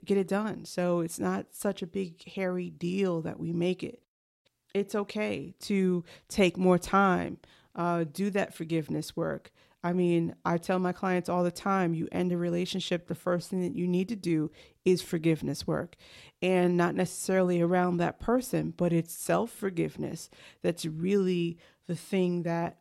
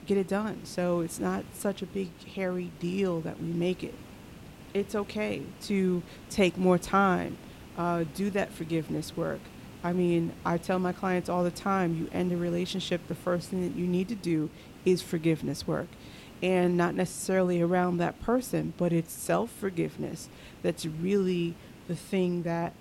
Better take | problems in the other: first | hiss; noticeable; throughout; 20 dB below the speech

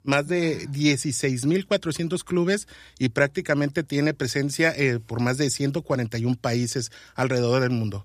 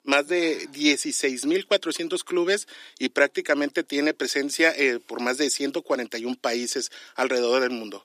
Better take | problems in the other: first | thin; very slightly; fading below 300 Hz

